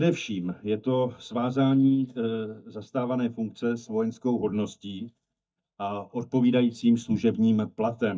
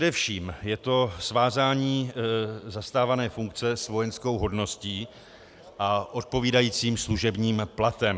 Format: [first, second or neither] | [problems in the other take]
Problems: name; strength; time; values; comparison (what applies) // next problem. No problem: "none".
second | noise reduction (neural mask model DeepFilterNet 3)